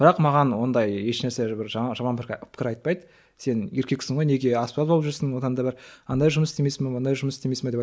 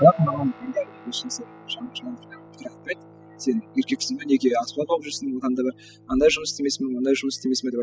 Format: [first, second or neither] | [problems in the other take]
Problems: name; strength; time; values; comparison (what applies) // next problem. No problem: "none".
first | noise reduction (classical method spectral subtraction)